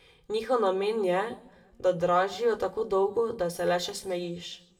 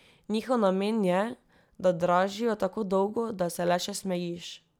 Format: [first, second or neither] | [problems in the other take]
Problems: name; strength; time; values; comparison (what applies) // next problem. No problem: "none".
second | room echo; dies away in 0.6 s